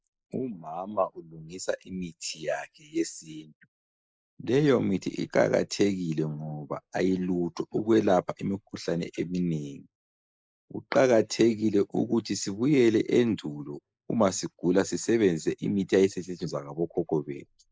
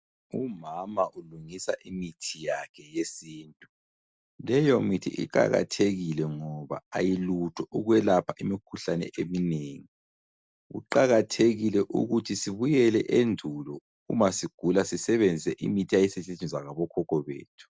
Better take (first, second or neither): second